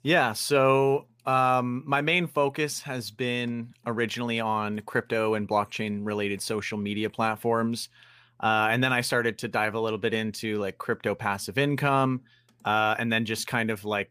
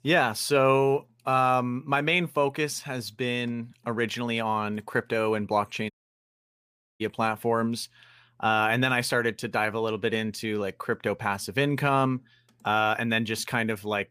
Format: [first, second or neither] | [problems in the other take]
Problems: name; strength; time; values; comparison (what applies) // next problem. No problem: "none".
first | audio cutting out; at 6 s for 1 s